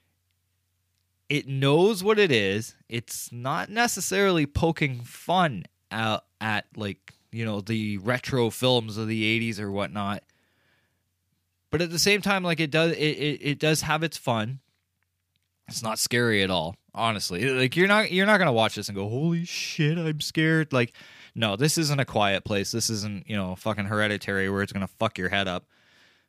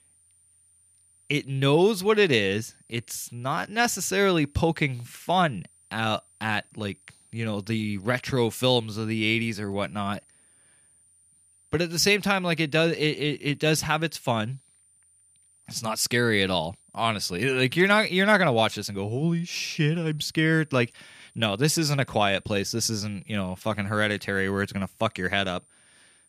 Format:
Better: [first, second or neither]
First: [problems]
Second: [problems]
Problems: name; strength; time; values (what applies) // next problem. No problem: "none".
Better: first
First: none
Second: high-pitched whine; faint; throughout; 9 kHz, 30 dB below the speech